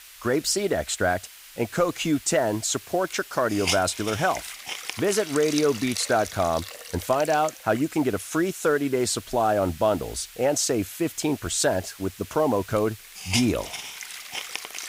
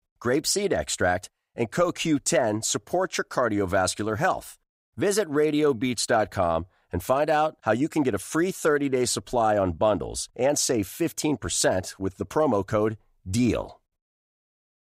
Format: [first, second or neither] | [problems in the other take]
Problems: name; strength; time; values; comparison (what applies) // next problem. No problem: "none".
second | hiss; noticeable; throughout; 10 dB below the speech